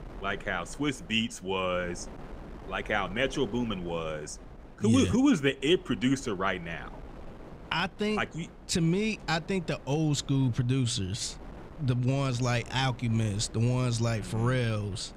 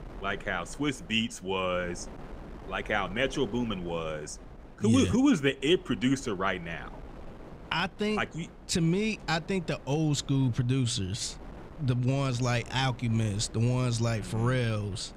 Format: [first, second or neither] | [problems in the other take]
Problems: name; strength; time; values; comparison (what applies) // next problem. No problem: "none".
neither | wind noise on the microphone; occasional gusts; 20 dB below the speech; the same in both